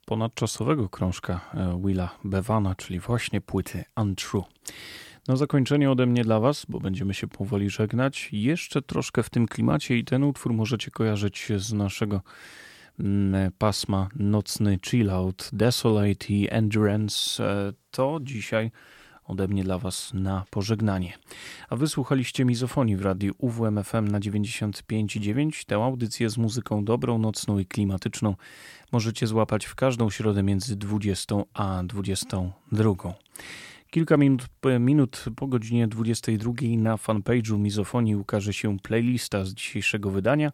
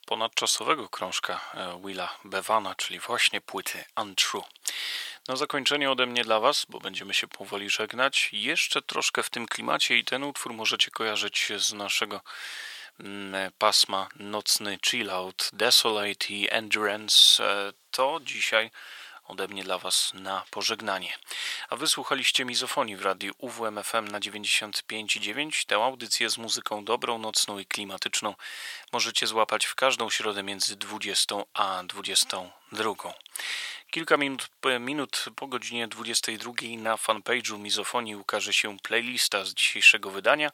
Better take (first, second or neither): first